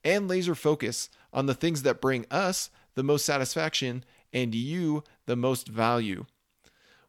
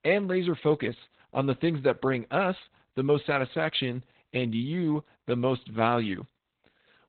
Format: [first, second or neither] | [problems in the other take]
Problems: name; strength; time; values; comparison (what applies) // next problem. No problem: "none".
first | garbled, watery; badly; nothing above 4 kHz